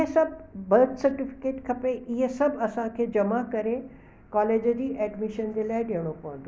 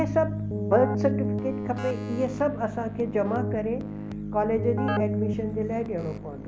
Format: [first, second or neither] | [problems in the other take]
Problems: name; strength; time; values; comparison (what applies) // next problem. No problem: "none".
first | background sound (Keyboard (musical)); 2 dB below the speech